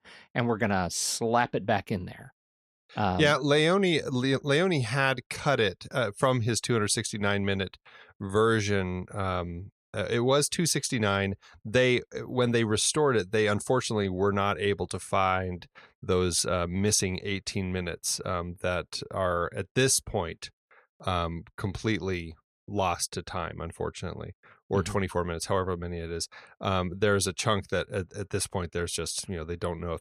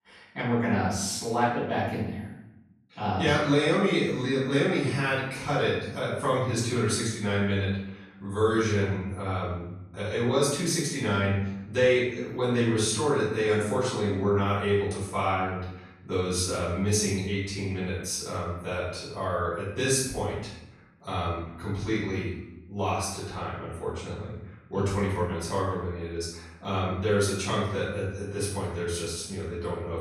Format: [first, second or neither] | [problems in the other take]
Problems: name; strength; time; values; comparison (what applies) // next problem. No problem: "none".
first | off-mic speech; far // room echo; noticeable; dies away in 0.8 s